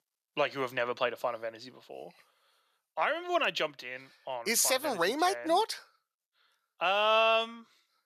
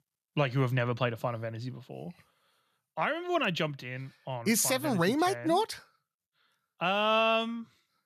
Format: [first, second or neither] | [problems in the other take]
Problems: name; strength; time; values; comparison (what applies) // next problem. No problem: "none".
second | thin; somewhat; fading below 500 Hz